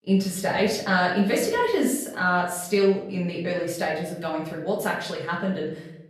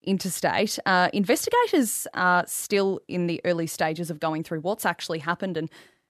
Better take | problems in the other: second | off-mic speech; far // room echo; noticeable; dies away in 0.7 s

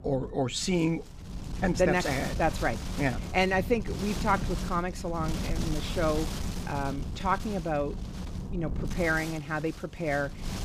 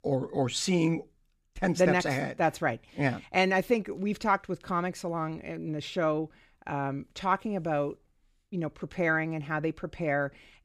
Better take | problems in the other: second | wind noise on the microphone; occasional gusts; 10 dB below the speech

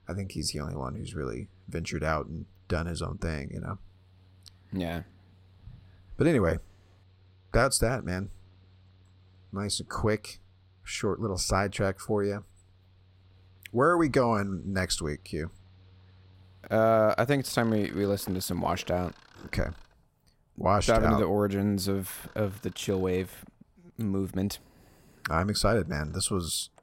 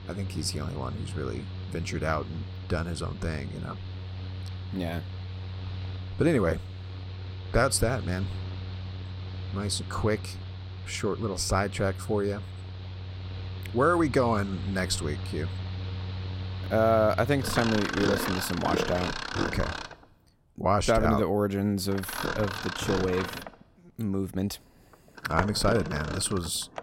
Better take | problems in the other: first | machinery noise; loud; throughout; 7 dB below the speech; faint in the first

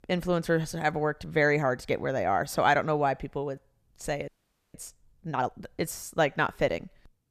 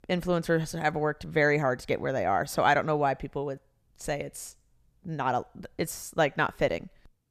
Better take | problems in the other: second | audio freezing; at 4.5 s

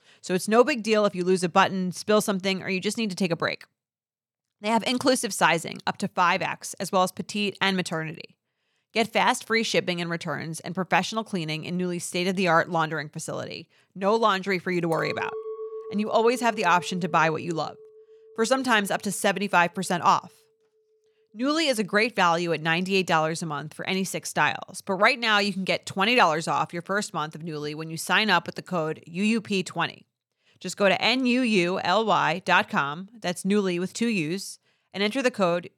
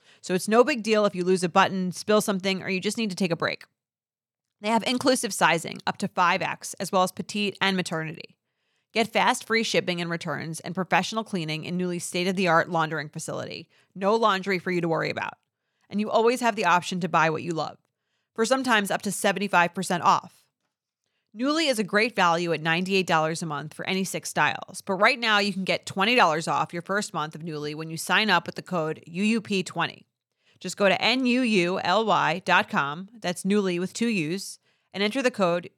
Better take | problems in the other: second | clattering dishes; faint; from 15 to 19 s; peak 10 dB below the speech

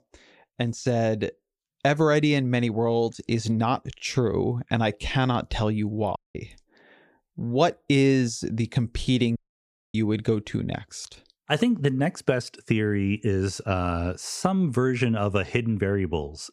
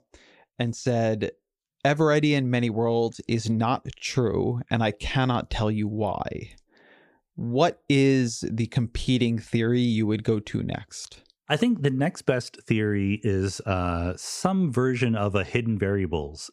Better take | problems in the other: second | audio cutting out; at 6 s and at 9.5 s for 0.5 s

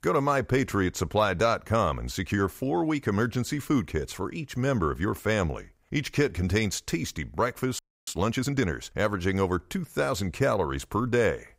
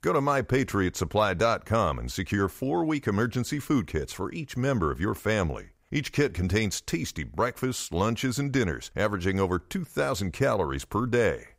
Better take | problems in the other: second | audio freezing; at 8 s

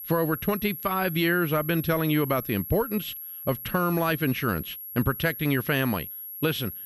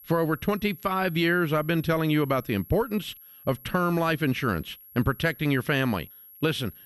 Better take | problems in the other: second | high-pitched whine; loud; throughout; 11.5 kHz, 9 dB below the speech; faint in the second

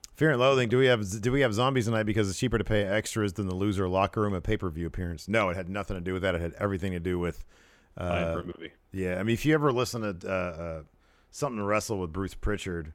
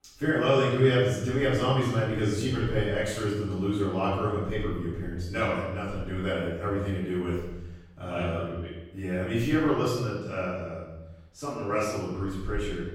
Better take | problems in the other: first | off-mic speech; far // room echo; strong; dies away in 0.9 s

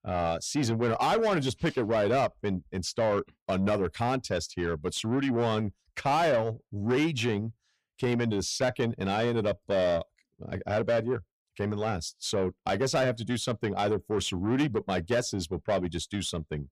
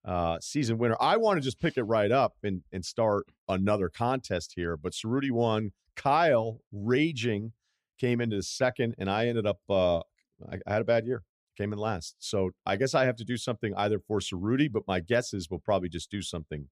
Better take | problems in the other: second | distortion; slight; 10 dB below the speech

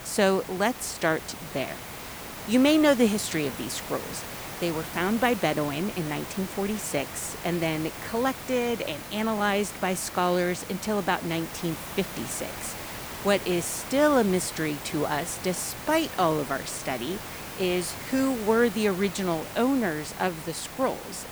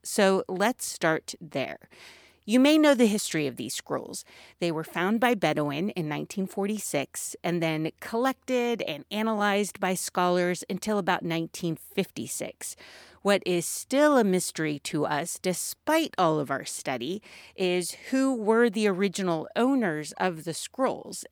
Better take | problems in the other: second | hiss; loud; throughout; 10 dB below the speech

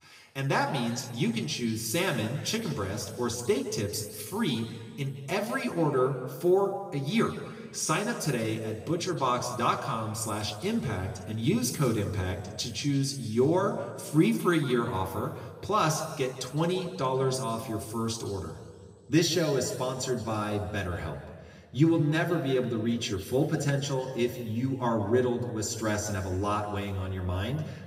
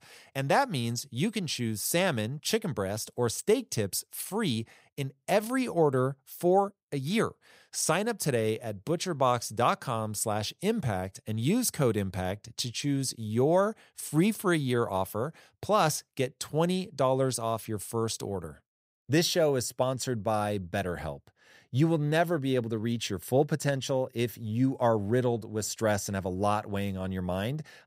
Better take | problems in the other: second | room echo; noticeable; dies away in 1.5 s // off-mic speech; far

